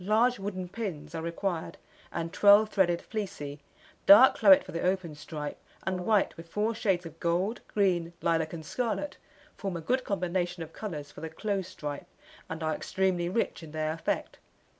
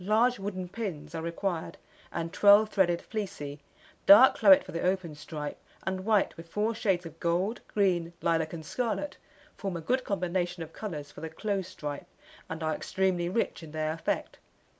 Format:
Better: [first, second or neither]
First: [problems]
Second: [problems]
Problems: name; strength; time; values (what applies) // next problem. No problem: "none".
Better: second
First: background sound (Brass instrument); 18 dB below the speech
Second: none